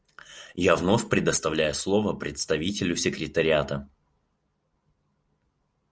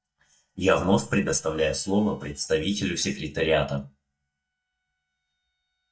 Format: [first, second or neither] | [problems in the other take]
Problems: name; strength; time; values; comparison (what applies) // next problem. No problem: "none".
first | noise reduction (neural mask model DeepFilterNet 3)